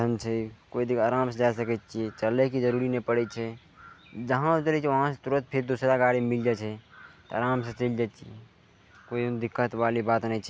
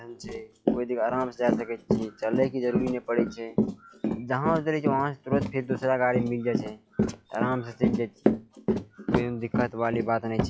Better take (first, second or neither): first